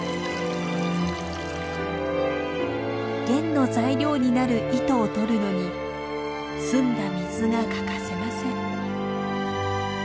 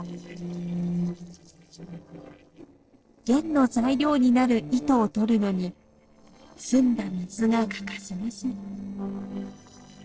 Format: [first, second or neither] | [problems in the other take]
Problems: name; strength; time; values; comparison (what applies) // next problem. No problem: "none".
first | noise reduction (neural separator model SepFormer DNS4)